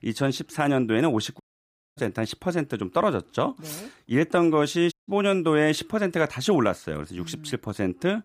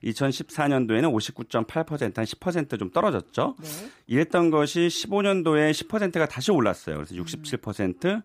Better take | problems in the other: second | audio cutting out; at 1.5 s for 0.5 s and at 5 s

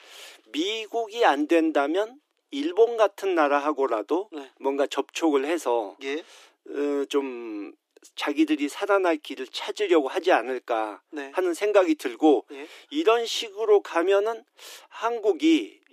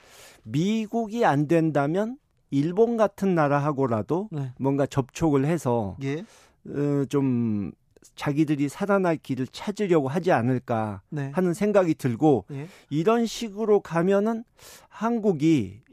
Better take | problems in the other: second | thin; somewhat; fading below 300 Hz

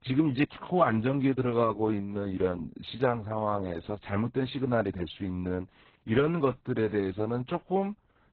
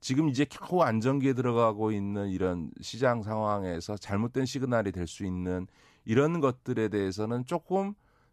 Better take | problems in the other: second | garbled, watery; badly; nothing above 4 kHz

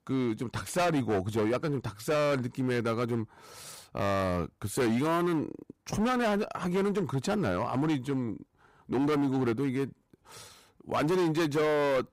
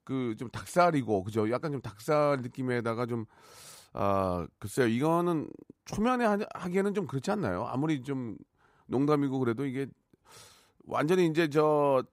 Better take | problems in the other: second | distortion; heavy; 15% of the sound clipped

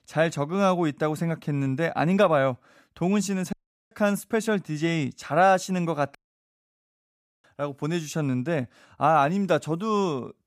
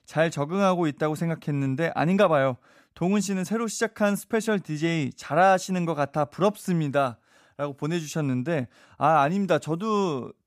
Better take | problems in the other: second | audio cutting out; at 3.5 s and at 6 s for 1.5 s

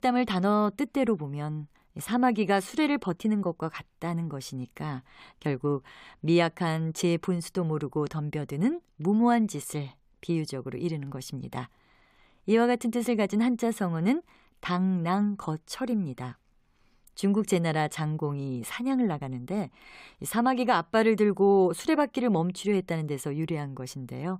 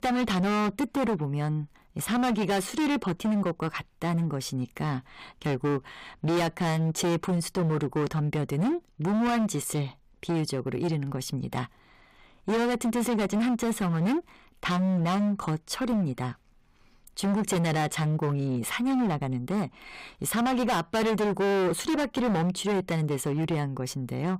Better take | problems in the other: first | distortion; heavy; 22% of the sound clipped

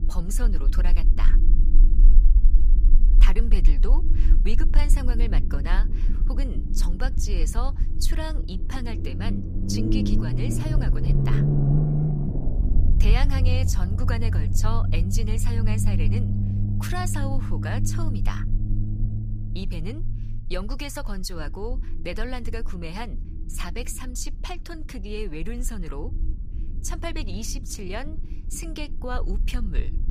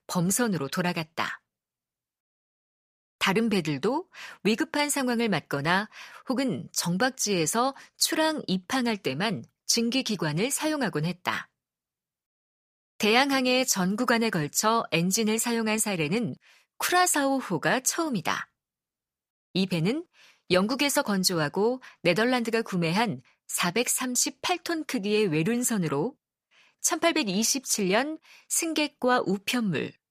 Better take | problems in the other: second | low rumble; loud; throughout; 3 dB below the speech

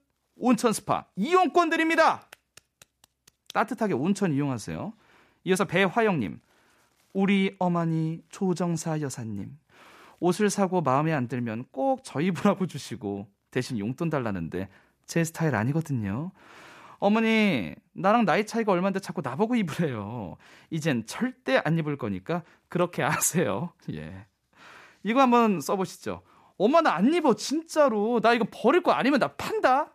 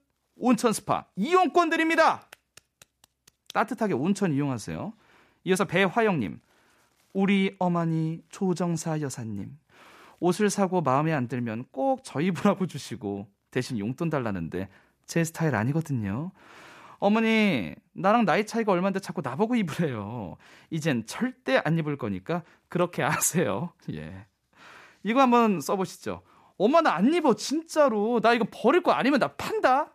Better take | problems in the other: neither | none

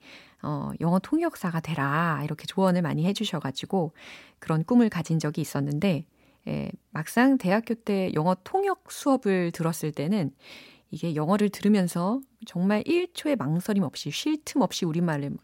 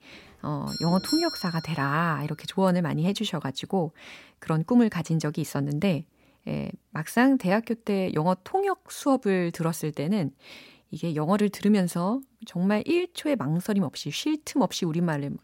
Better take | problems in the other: first | doorbell; noticeable; from 0.5 to 2 s; peak 3 dB below the speech

